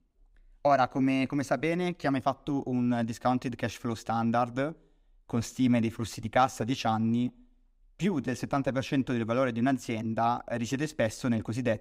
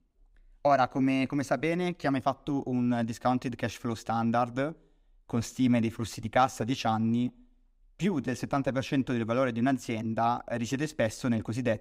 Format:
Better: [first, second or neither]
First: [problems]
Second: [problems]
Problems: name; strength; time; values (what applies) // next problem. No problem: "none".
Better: neither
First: none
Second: none